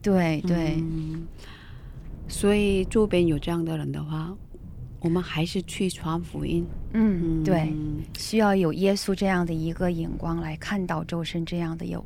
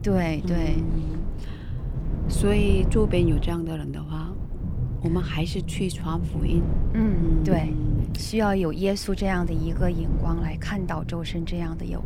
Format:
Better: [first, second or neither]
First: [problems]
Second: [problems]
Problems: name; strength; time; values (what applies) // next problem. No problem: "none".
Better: first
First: low rumble; faint; throughout; 25 dB below the speech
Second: low rumble; loud; throughout; 10 dB below the speech